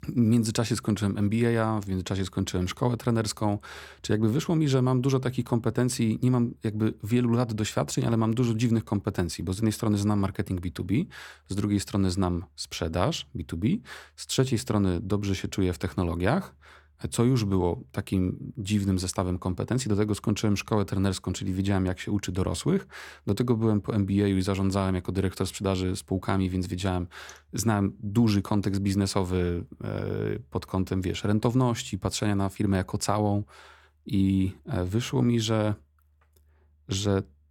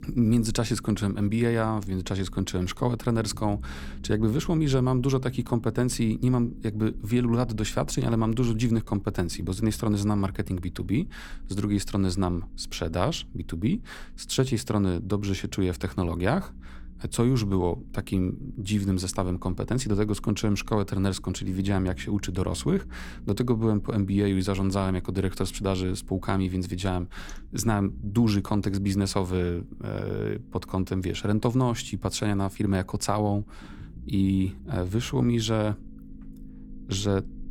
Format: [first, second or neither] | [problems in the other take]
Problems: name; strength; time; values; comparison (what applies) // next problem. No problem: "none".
first | low rumble; faint; throughout; 25 dB below the speech